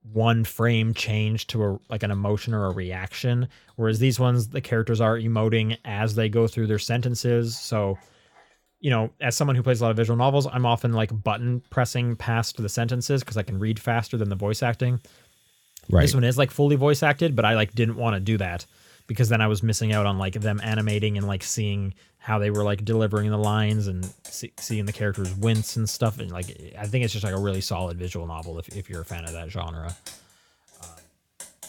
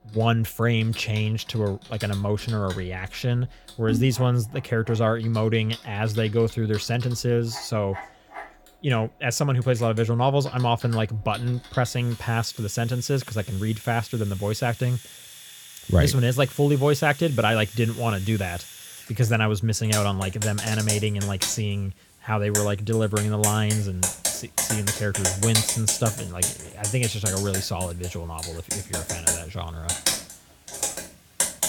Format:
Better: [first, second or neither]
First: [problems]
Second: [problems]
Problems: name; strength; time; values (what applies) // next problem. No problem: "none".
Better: first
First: household noises; faint; throughout; 20 dB below the speech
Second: household noises; loud; throughout; 4 dB below the speech